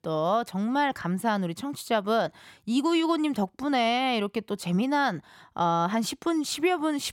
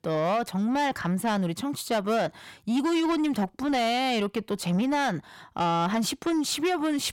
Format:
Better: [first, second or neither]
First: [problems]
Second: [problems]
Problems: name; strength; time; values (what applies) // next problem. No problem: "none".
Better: first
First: none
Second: distortion; slight; 10 dB below the speech